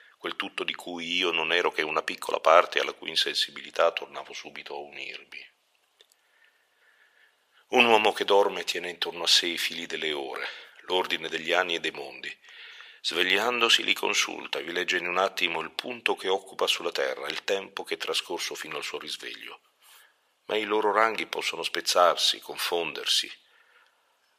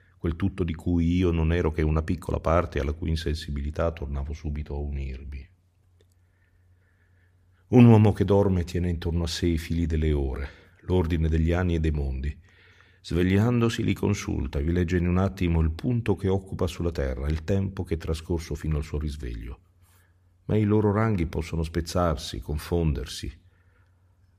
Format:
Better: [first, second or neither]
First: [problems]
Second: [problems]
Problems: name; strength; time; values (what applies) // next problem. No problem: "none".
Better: second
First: thin; very; fading below 600 Hz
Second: none